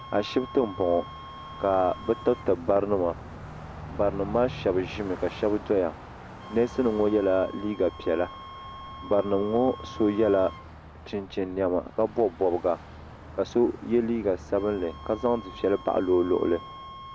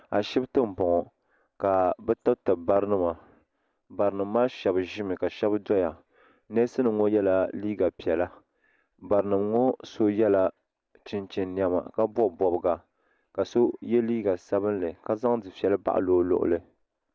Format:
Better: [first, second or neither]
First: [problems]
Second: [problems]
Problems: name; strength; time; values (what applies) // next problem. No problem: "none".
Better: second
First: background sound (Car passing by + Wind instrument, woodwind instrument); 15 dB below the speech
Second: none